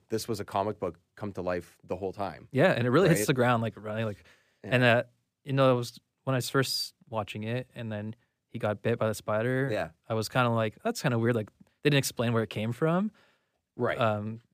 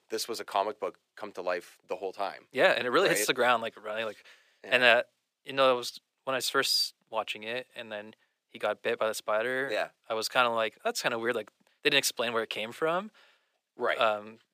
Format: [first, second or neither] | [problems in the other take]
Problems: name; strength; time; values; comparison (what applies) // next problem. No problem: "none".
first | thin; somewhat; fading below 500 Hz